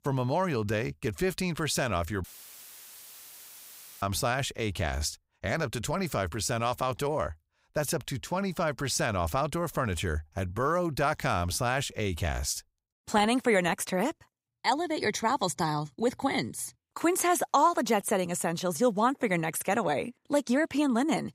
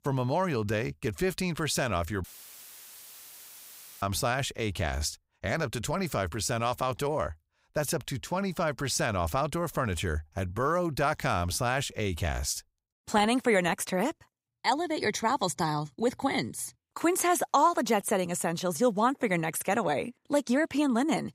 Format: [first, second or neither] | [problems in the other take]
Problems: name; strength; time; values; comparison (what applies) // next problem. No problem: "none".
neither | audio cutting out; filled with static; at 2 s for 2 s; the same in both